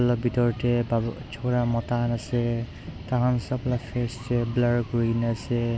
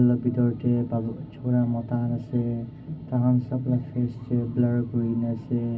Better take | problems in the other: first | room echo; dies away in 0.4 s

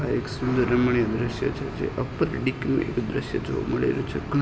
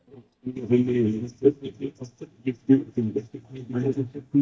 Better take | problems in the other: first | noise reduction (neural mask model DeepFilterNet 3)

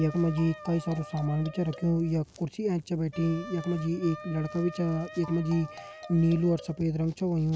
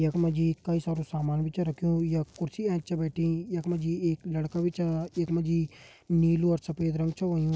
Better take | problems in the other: second | background sound (Wind instrument, woodwind instrument + Marimba, xylophone); 17 dB below the speech

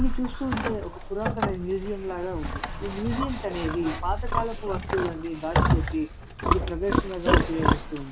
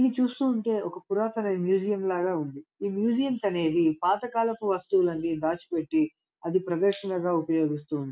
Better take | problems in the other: second | background sound (Livestock, farm animals, working animals); 3 dB above the speech

